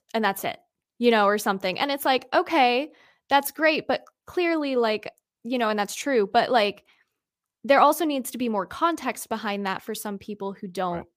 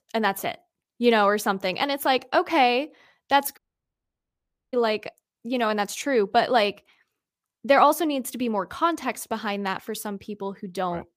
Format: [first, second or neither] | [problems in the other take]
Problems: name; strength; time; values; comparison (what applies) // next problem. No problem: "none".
first | audio cutting out; at 3.5 s for 1 s